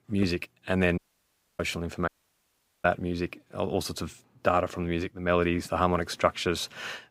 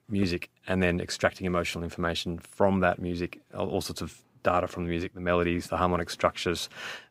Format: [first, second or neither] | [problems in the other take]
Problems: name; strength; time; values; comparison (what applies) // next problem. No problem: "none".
second | audio cutting out; at 1 s for 0.5 s and at 2 s for 1 s